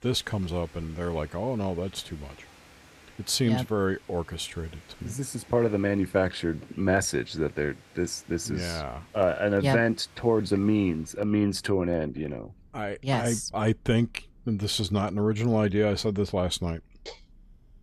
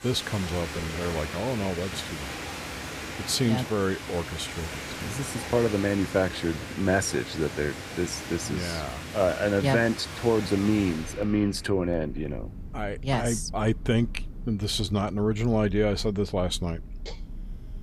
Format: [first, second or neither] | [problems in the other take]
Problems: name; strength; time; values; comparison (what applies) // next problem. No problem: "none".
first | rain or running water; loud; throughout; 10 dB below the speech; faint in the first